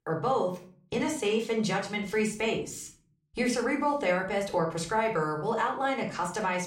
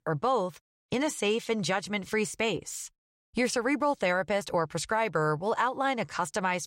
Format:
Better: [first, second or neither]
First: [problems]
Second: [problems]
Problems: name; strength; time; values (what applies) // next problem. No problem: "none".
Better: second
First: room echo; slight; dies away in 0.4 s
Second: none